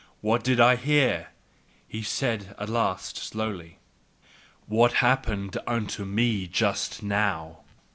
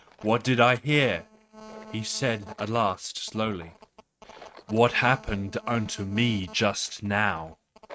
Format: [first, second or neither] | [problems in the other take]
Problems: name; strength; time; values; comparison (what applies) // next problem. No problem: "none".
first | noise reduction (neural mask model RNNoise)